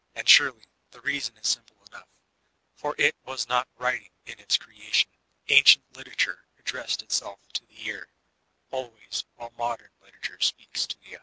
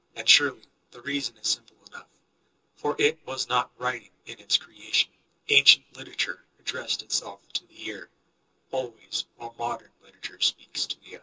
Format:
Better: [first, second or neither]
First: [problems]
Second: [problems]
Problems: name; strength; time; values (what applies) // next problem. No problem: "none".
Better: first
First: none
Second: room echo; dies away in 0.2 s